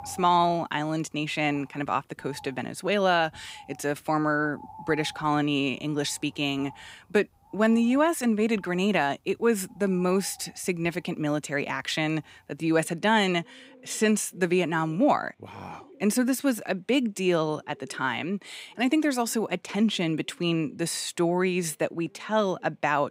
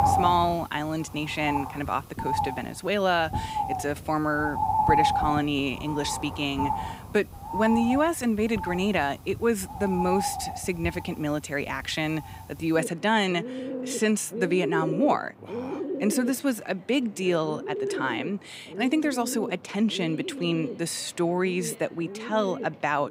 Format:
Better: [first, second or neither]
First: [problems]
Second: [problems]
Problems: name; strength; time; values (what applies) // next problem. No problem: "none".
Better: first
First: animal sounds; faint; throughout; 25 dB below the speech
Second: animal sounds; loud; throughout; 5 dB below the speech